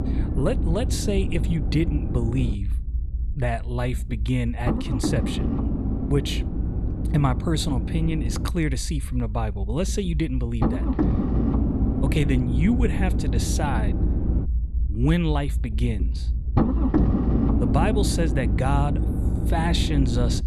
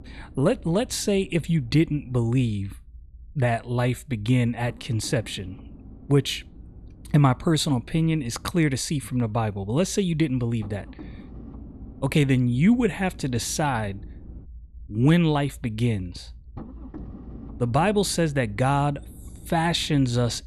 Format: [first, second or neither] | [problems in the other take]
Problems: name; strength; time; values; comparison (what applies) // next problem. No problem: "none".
second | low rumble; loud; throughout; 3 dB below the speech; faint in the second